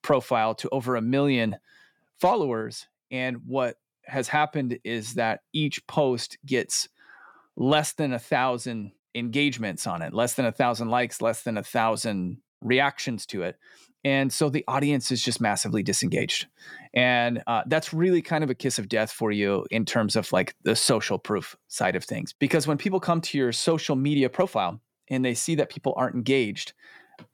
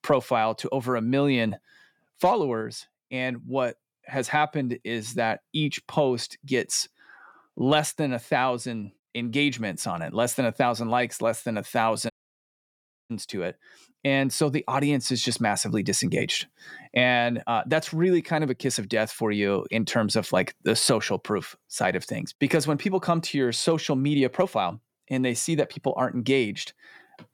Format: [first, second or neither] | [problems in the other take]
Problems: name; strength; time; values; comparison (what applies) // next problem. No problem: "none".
first | audio cutting out; at 12 s for 1 s